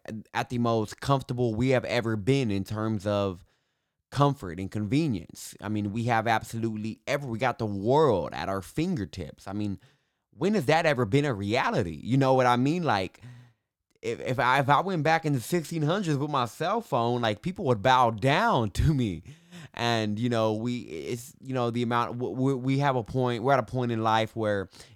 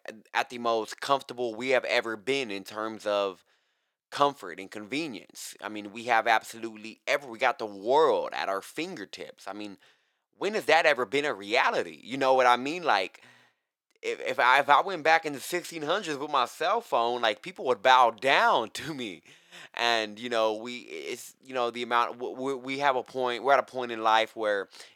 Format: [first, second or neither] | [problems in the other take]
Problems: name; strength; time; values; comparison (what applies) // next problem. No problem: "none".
first | thin; somewhat; fading below 500 Hz